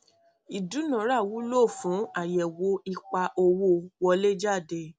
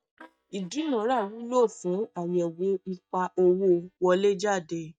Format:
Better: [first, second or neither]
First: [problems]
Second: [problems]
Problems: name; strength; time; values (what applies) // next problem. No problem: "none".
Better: first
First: none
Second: noise reduction (neural mask model DeepFilterNet 3)